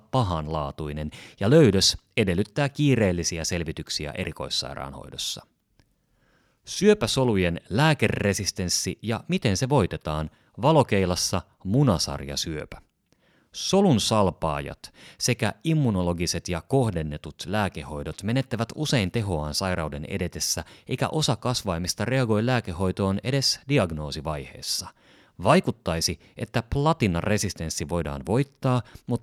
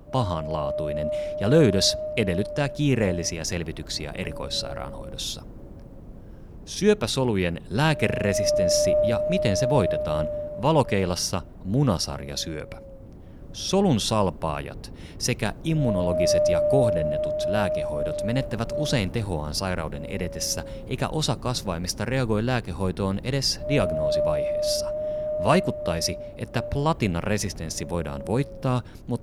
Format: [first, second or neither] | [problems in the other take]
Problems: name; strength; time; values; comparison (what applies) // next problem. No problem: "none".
first | wind noise on the microphone; heavy; 1 dB above the speech